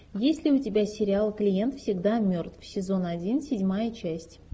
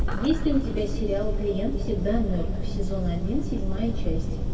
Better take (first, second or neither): first